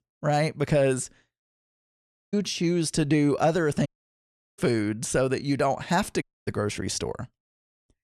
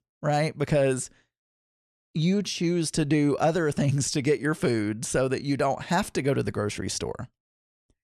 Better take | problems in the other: second | audio cutting out; at 2 s, at 4 s for 0.5 s and at 6 s

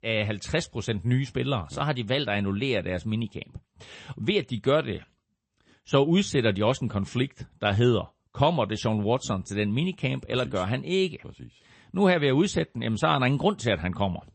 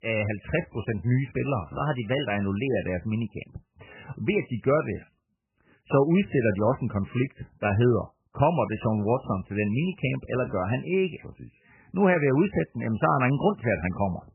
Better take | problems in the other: first | garbled, watery; badly; nothing above 3 kHz; slightly in the first

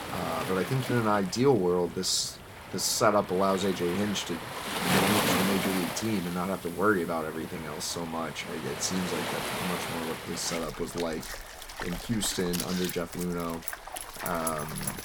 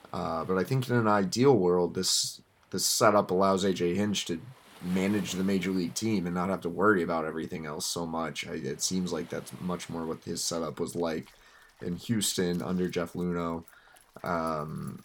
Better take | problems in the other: second | rain or running water; loud; throughout; 4 dB below the speech; faint in the second

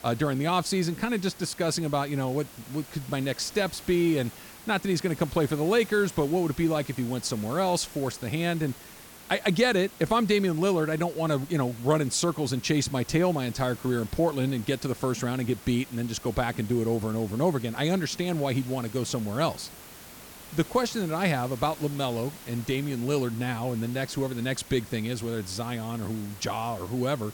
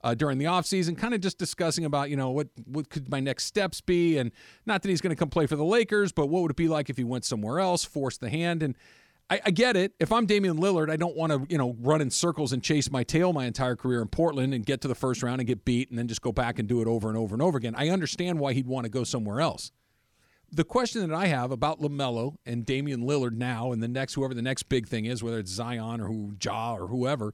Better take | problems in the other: second | hiss; noticeable; throughout; 15 dB below the speech

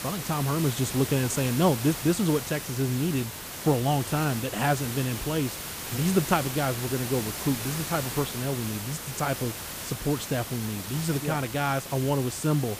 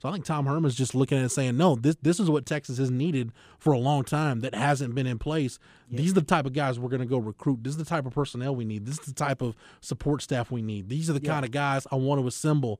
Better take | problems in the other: second | hiss; loud; throughout; 6 dB below the speech

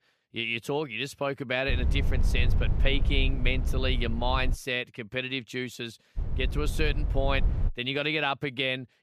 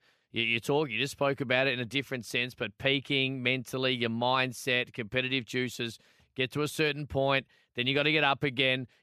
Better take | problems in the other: second | low rumble; noticeable; from 1.5 to 4.5 s and from 6 to 7.5 s; 15 dB below the speech

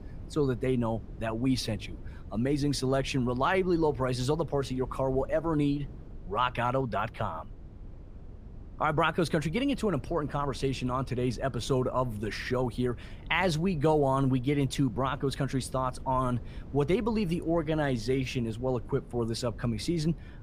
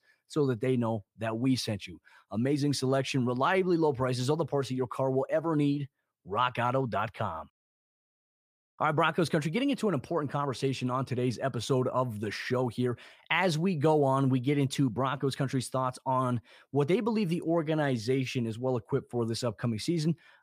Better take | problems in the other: second | low rumble; faint; throughout; 25 dB below the speech

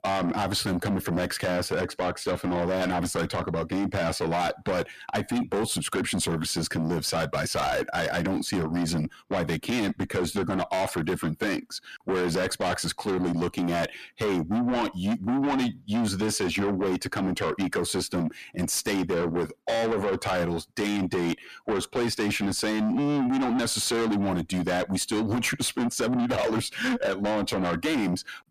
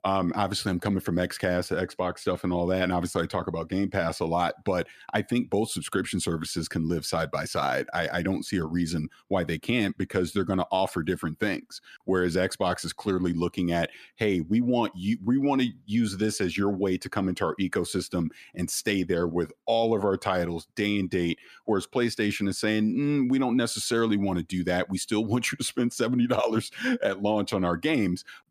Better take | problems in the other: second | distortion; heavy; 6 dB below the speech

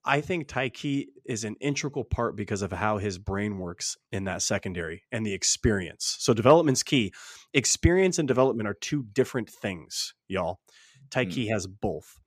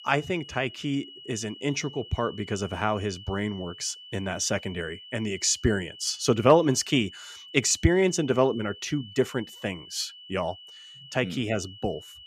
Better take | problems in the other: first | high-pitched whine; noticeable; throughout; 3 kHz, 15 dB below the speech

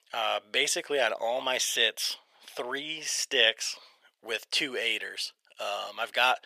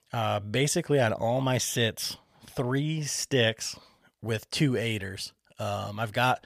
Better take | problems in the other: second | thin; very; fading below 450 Hz

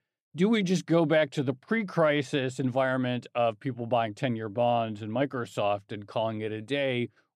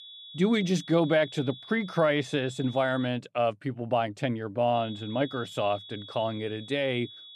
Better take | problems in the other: first | high-pitched whine; noticeable; until 3 s and from 4.5 s on; 3.5 kHz, 15 dB below the speech

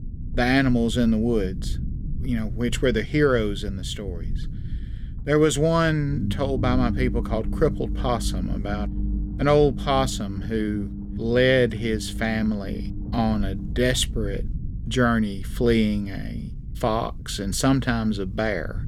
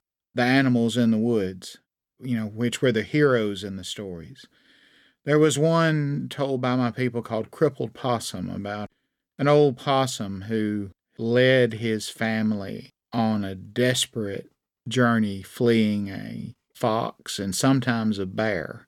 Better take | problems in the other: second | low rumble; noticeable; throughout; 20 dB below the speech

